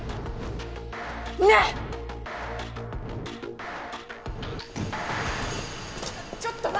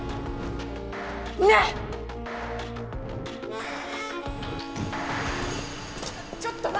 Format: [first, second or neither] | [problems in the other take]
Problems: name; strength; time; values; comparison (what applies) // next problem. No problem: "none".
first | background sound (Harmonica + Wind instrument, woodwind instrument); 9 dB below the speech